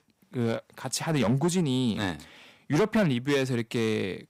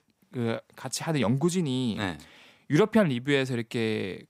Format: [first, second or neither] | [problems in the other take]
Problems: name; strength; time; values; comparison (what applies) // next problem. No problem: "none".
second | distortion; slight; 6% of the sound clipped